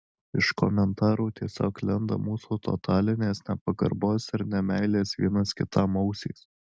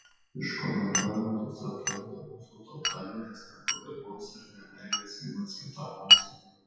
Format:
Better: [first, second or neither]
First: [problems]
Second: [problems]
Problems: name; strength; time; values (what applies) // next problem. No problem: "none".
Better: first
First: none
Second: noise reduction (classical method WPE with log-MMSE)